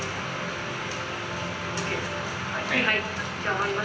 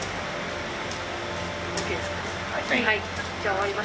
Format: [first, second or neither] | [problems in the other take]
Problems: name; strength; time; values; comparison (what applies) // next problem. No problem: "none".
second | room echo; dies away in 0.8 s